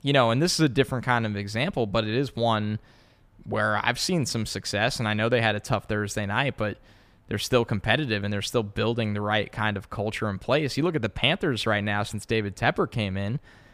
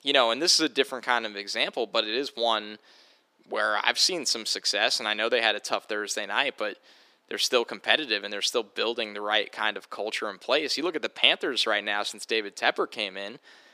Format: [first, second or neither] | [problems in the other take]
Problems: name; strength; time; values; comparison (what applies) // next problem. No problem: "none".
first | thin; somewhat; fading below 300 Hz